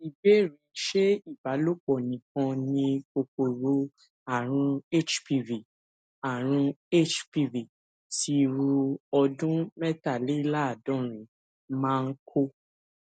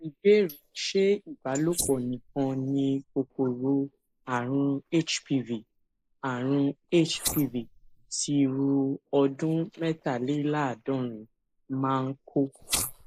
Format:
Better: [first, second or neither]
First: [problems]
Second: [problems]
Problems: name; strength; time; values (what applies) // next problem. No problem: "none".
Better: first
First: none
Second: noise reduction (neural mask model Resemble Enhance denoiser)